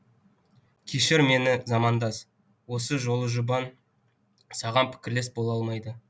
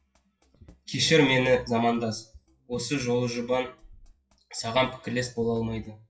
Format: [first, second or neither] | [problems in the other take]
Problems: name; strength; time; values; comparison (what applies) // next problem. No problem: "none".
first | noise reduction (classical method WPE with log-MMSE)